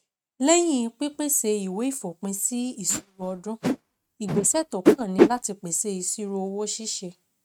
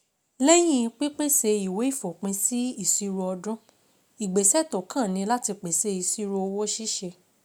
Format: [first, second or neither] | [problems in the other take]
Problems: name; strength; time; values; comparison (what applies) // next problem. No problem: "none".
second | noise reduction (neural mask model RNNoise)